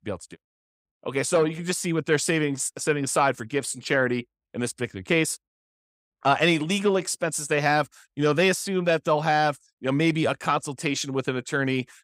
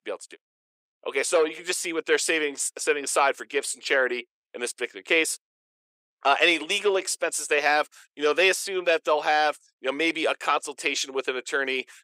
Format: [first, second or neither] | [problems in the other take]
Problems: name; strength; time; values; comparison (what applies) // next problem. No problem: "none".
first | thin; very; fading below 400 Hz